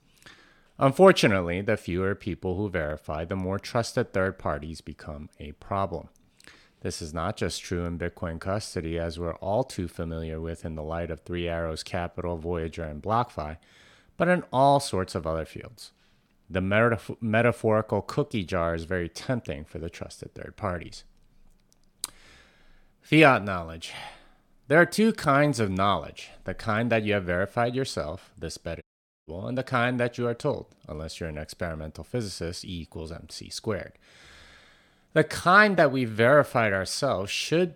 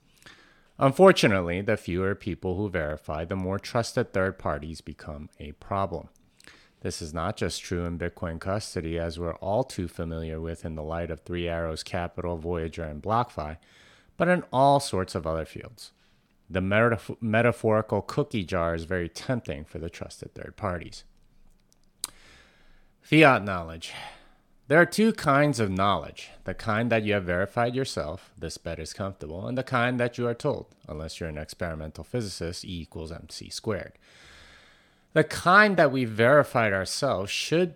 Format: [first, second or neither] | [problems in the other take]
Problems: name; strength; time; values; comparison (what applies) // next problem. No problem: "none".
second | audio cutting out; at 29 s